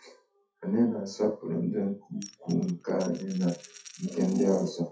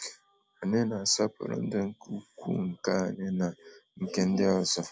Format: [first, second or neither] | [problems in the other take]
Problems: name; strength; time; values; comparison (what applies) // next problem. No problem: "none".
second | noise reduction (classical method WPE with log-MMSE)